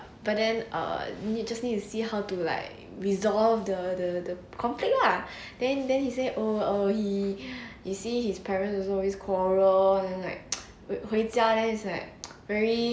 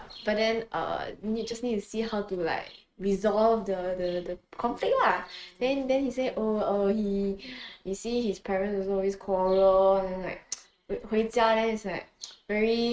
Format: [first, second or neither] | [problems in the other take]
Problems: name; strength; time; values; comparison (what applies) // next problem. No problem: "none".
first | noise reduction (neural mask model RNNoise)